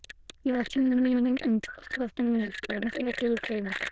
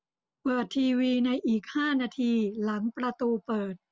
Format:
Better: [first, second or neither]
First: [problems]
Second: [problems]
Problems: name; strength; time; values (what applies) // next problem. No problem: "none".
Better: second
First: noise reduction (neural diffusion model UNIVERSE++)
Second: none